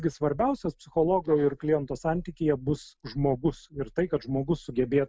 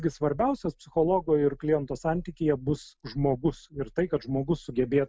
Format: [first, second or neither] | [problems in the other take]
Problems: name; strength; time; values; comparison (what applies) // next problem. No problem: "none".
second | noise reduction (neural mask model Resemble Enhance denoiser)